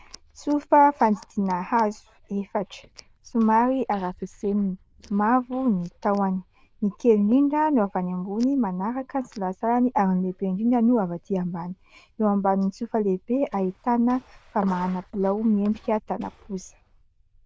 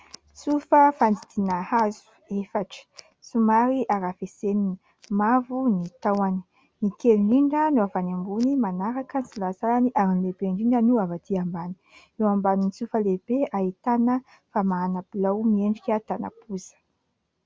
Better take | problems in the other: second | noise reduction (neural diffusion model UNIVERSE++)

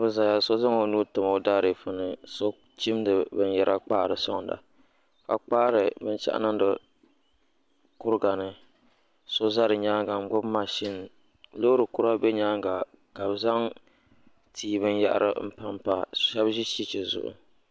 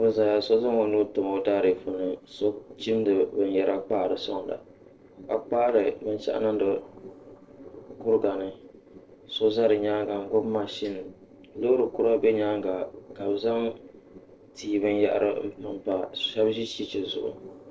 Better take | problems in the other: first | noise reduction (neural separator model SepFormer DNS4)

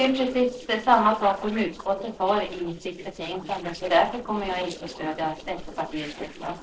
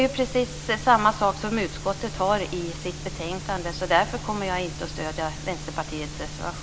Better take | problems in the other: second | noise reduction (neural separator model SepFormer DNS4)

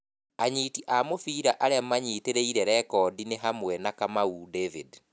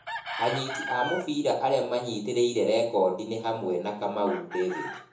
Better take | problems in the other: first | background sound (Chicken, rooster); 12 dB below the speech // room echo; dies away in 1 s

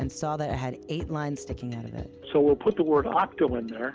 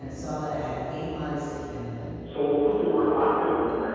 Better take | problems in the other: first | room echo; dies away in 2.2 s

